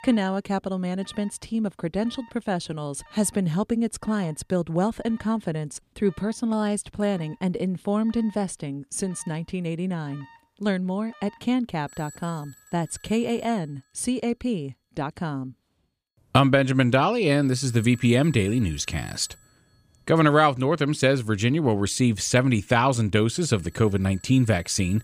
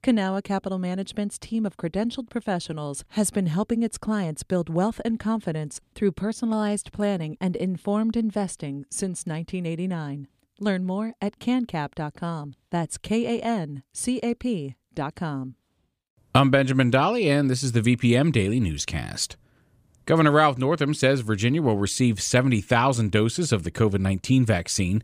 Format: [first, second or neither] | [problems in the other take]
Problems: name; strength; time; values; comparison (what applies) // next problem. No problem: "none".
second | alarms or sirens; faint; throughout; 25 dB below the speech